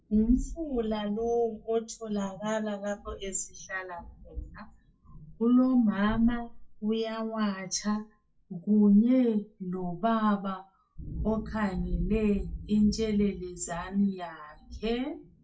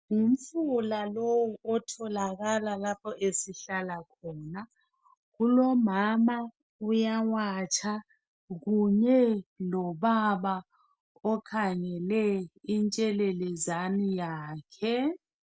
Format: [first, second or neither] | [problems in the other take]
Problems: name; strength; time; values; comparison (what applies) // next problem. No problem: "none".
second | noise reduction (classical method WPE with log-MMSE)